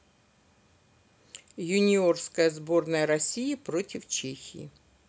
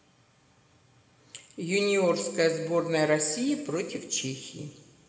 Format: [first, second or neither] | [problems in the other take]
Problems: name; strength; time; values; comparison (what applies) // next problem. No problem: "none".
first | room echo; dies away in 2 s